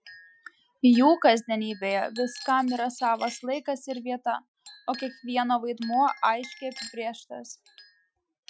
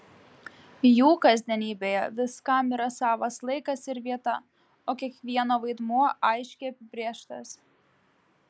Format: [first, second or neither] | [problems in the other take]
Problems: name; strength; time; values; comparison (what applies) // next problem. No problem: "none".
second | noise reduction (classical method Wiener filter)